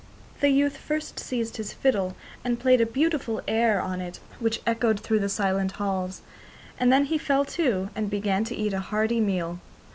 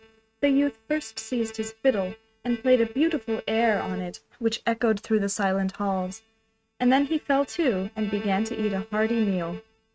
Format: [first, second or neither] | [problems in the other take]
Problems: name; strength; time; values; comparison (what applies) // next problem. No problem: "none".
first | noise reduction (neural mask model RNNoise)